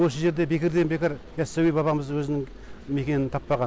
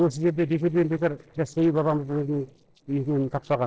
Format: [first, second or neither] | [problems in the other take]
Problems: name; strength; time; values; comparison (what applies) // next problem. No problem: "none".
first | noise reduction (neural separator model SepFormer DNS4)